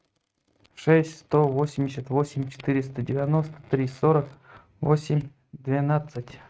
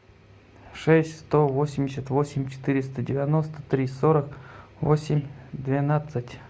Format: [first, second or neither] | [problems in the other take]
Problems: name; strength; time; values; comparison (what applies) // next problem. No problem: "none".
second | noise reduction (neural mask model RNNoise)